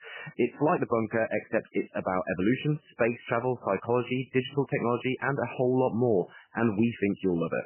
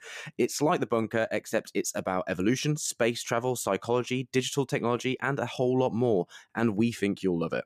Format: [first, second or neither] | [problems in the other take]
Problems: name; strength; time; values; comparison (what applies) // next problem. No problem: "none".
second | garbled, watery; badly; nothing above 3 kHz